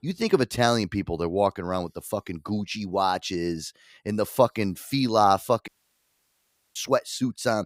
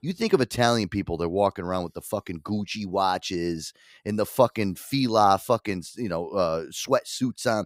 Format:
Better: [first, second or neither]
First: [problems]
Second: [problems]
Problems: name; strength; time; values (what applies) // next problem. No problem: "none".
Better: second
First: audio cutting out; at 5.5 s for 1 s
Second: none